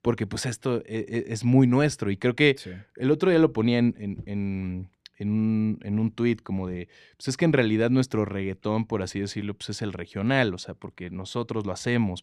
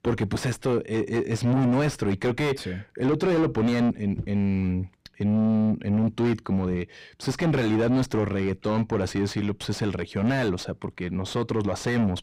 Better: first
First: none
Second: distortion; heavy; 5 dB below the speech

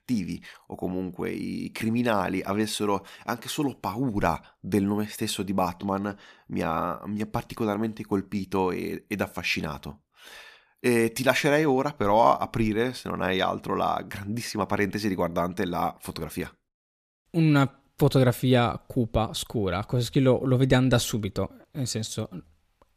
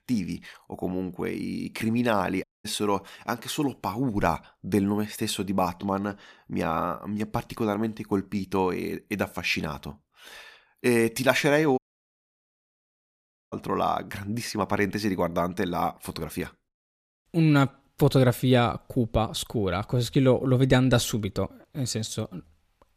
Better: first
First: none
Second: audio cutting out; at 2.5 s and at 12 s for 1.5 s

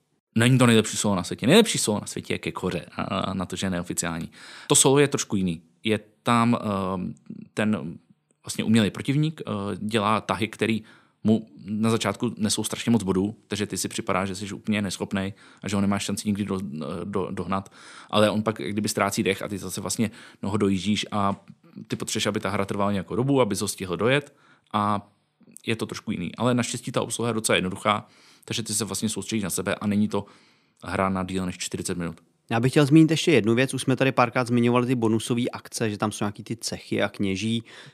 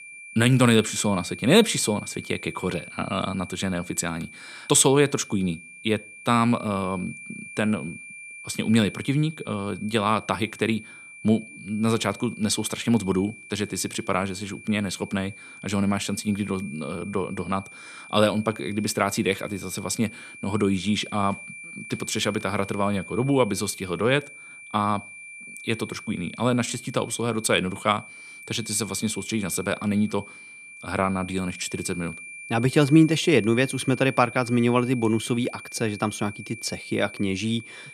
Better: first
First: none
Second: high-pitched whine; noticeable; throughout; 2.5 kHz, 15 dB below the speech

